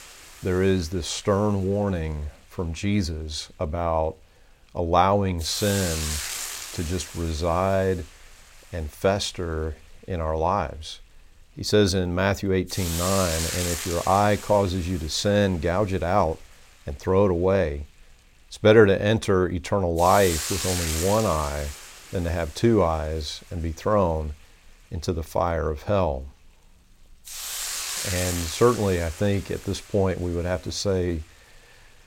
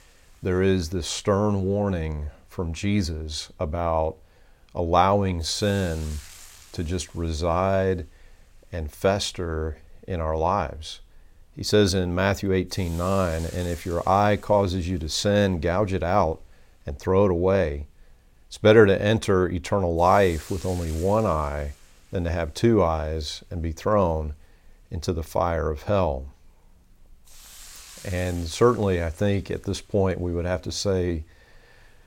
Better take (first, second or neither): second